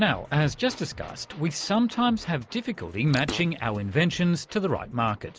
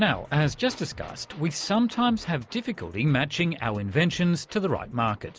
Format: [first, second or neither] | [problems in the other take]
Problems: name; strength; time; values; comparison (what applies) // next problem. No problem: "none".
second | background sound (Fart); 12 dB below the speech